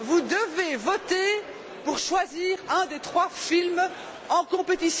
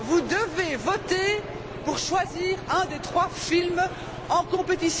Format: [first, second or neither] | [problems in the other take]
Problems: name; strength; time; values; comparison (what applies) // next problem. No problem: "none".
first | background sound (Engine / Aircraft + Dog); 12 dB below the speech